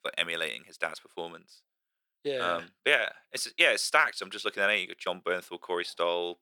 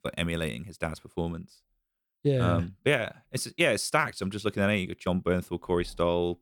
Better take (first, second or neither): second